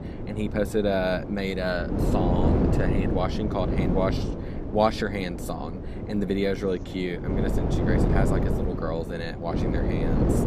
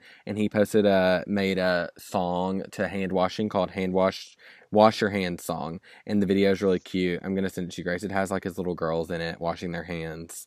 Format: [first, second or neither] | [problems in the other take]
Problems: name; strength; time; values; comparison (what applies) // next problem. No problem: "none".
second | wind noise on the microphone; heavy; 4 dB below the speech